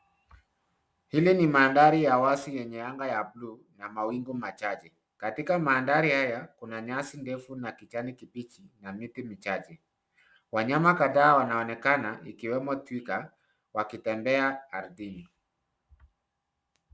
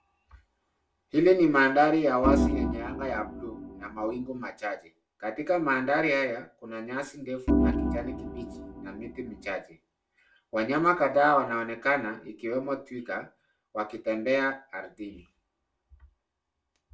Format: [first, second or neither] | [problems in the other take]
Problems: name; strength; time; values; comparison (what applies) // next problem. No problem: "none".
first | background sound (Organ); as loud as the speech // room echo; dies away in 0.2 s